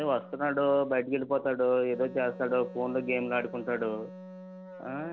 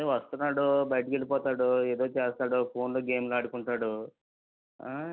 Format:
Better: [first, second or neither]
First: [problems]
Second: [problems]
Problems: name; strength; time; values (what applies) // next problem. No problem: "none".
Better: second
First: background sound (Wind instrument, woodwind instrument); 17 dB below the speech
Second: none